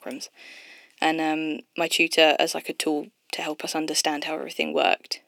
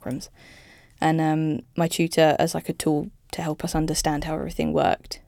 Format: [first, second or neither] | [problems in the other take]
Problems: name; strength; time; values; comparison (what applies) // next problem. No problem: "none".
second | thin; somewhat; fading below 300 Hz